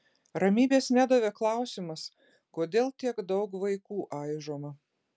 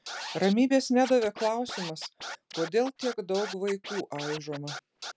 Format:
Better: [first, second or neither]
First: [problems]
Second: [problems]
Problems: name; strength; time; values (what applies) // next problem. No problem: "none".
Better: first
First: none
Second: background sound (Scratching (performance technique)); 12 dB below the speech